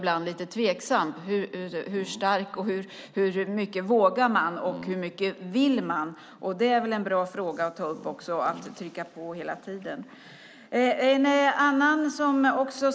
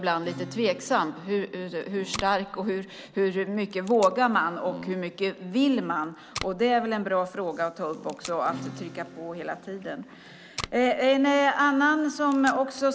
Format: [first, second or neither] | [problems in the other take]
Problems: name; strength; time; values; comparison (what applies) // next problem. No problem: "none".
first | background sound (Packing tape, duct tape + Acoustic guitar / Strum); 18 dB below the speech